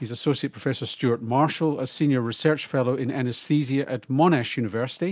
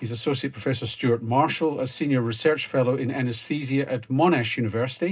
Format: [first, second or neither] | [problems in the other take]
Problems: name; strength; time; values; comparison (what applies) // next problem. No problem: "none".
first | room echo; dies away in 0.2 s